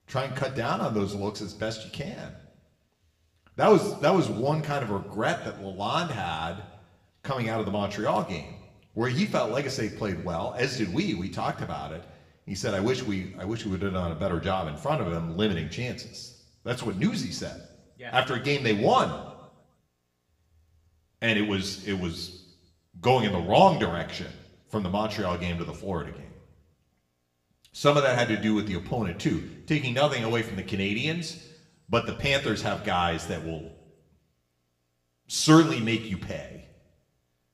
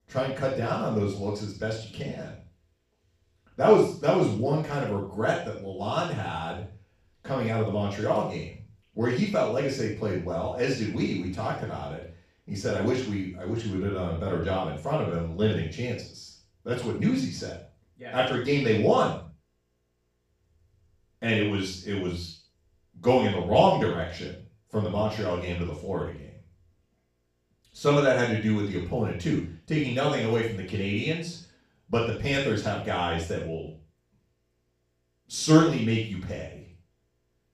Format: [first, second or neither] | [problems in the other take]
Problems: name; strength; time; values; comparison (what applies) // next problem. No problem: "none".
first | room echo; strong; dies away in 0.4 s; slight in the first // off-mic speech; far; somewhat distant in the first